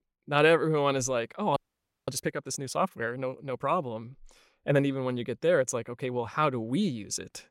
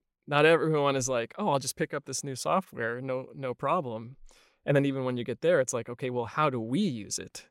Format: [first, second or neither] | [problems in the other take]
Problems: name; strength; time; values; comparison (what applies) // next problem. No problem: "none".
second | audio freezing; at 1.5 s for 0.5 s